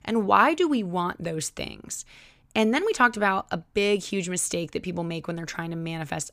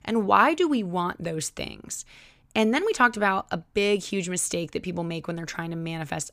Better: neither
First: none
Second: none

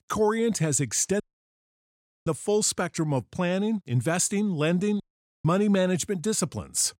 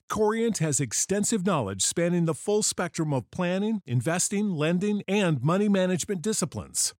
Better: second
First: audio cutting out; at 1 s for 1 s and at 5 s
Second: none

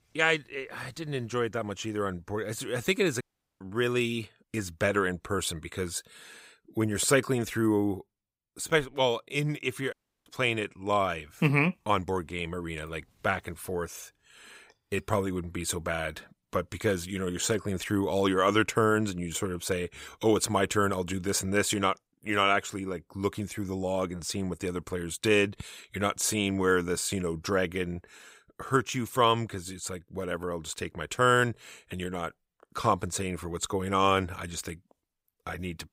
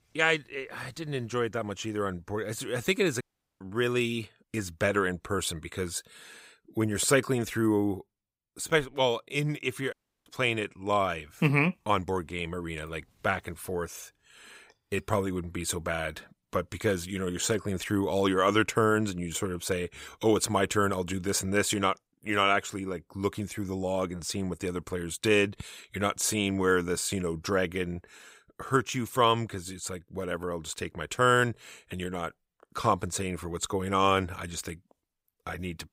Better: neither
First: audio cutting out; at 3 s and at 10 s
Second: audio cutting out; at 3 s and at 10 s

